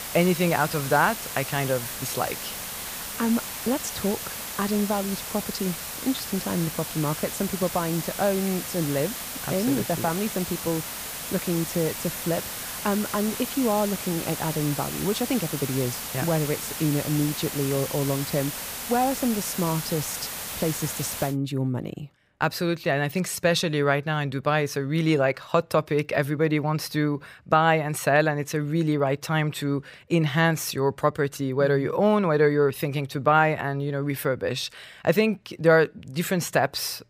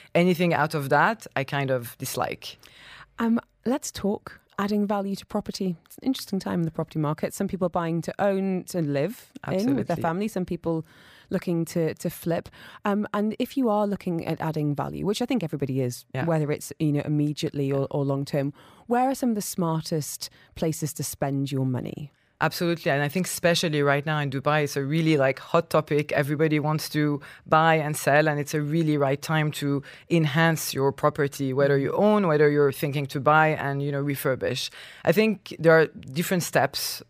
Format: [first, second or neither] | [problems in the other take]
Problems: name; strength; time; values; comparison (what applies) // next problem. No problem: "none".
second | hiss; loud; until 21 s; 6 dB below the speech